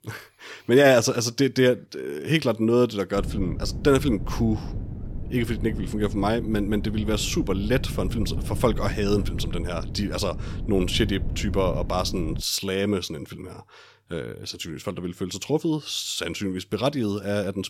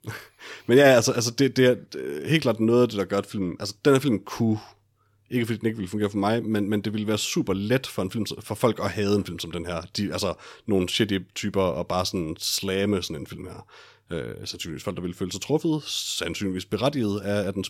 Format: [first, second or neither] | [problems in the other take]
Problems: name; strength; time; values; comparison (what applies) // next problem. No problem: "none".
second | wind noise on the microphone; occasional gusts; from 3 to 12 s; 15 dB below the speech